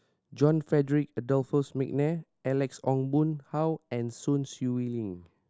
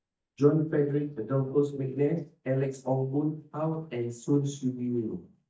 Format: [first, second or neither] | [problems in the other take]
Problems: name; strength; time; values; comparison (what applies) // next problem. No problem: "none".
first | noise reduction (neural mask model DeepFilterNet 3)